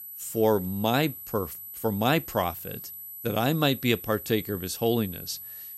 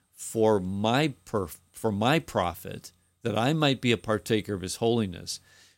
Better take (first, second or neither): second